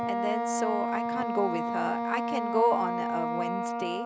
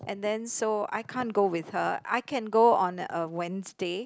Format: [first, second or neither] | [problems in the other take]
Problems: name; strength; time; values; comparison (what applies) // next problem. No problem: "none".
second | background sound (Wind instrument, woodwind instrument); 1 dB above the speech